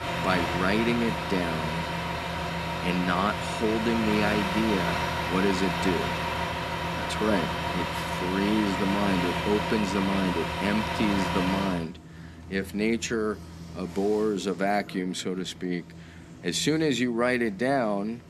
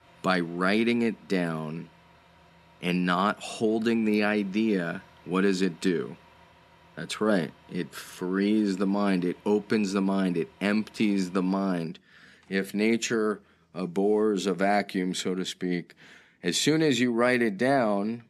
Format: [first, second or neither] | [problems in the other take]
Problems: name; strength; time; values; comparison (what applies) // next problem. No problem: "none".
second | traffic noise; loud; throughout; 1 dB below the speech; faint in the second